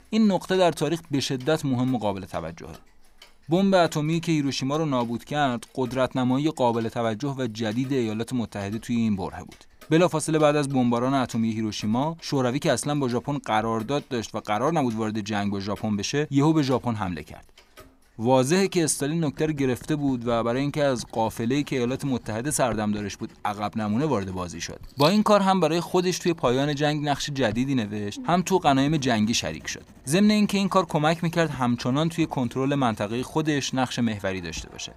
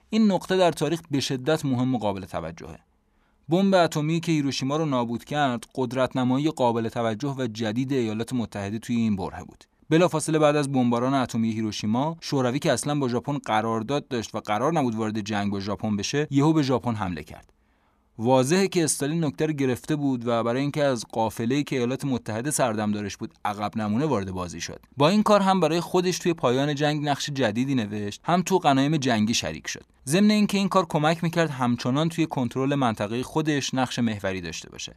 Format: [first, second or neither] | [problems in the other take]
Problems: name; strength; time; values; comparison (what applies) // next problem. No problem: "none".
second | household noises; faint; throughout; 25 dB below the speech